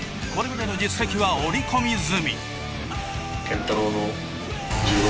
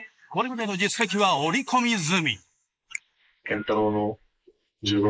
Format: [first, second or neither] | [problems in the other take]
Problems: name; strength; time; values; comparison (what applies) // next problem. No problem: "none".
first | noise reduction (neural mask model Resemble Enhance denoiser)